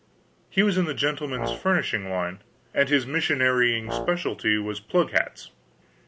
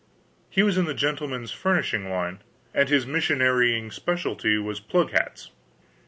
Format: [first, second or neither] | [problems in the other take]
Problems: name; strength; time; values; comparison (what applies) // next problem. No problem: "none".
second | background sound (Brass instrument); 12 dB below the speech